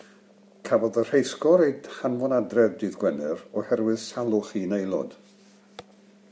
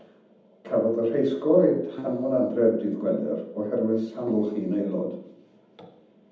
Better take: first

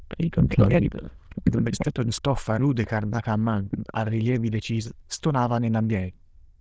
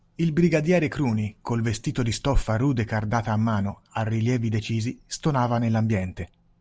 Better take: second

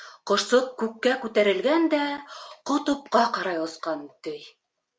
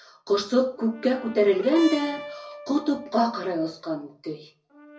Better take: first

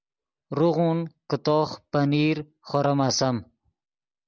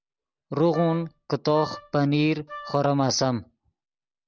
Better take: first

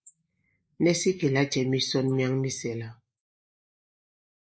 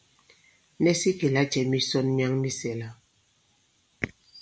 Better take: second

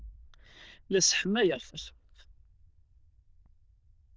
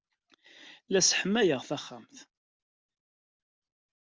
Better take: second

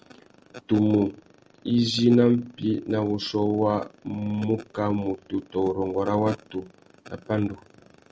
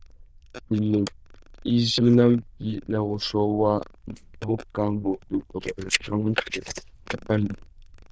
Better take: first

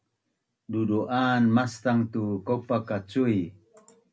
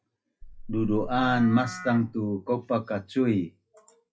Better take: first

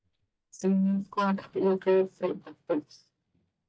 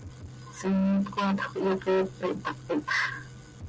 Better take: second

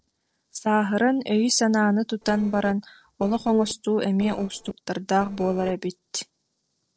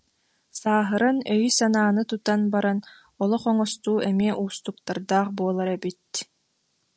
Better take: second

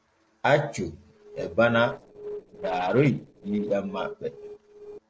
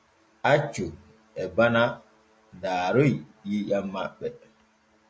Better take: second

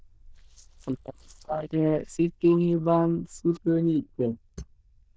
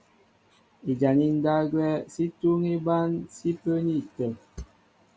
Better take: second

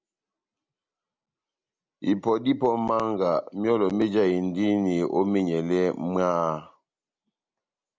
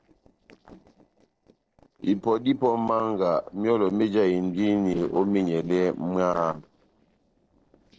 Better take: first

